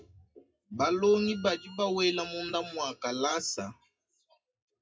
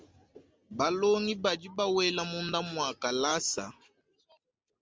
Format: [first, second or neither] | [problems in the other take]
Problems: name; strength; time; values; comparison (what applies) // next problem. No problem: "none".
second | noise reduction (classical method WPE with log-MMSE)